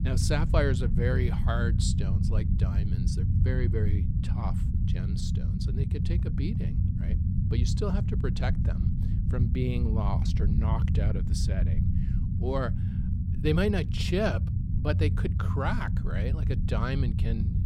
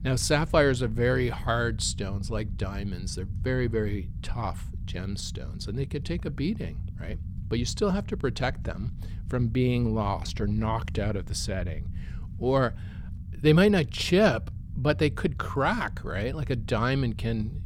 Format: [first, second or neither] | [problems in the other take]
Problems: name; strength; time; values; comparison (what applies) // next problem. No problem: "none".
second | low rumble; loud; throughout; 6 dB below the speech; faint in the second